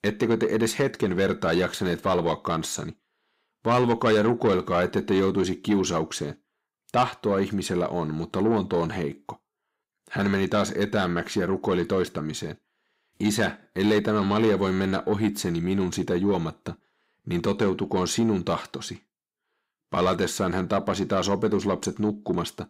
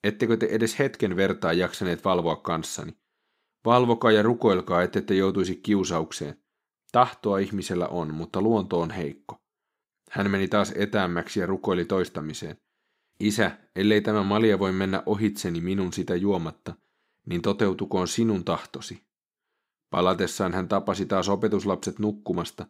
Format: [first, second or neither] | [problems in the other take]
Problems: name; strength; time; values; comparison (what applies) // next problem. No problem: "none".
second | distortion; slight; 10 dB below the speech